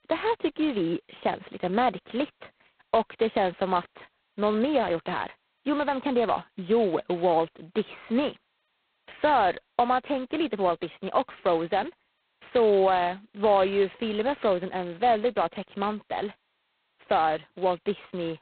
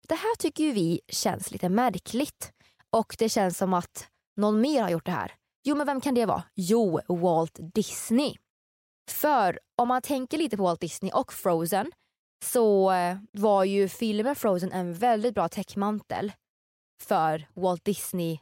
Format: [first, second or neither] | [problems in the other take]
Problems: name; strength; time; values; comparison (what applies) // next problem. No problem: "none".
second | phone-call audio; poor line; nothing above 4 kHz